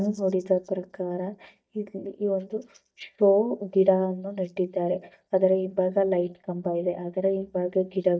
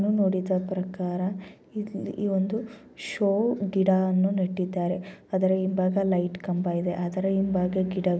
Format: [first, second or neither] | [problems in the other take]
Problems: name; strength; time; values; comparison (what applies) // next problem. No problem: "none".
second | noise reduction (neural mask model DeepFilterNet 3)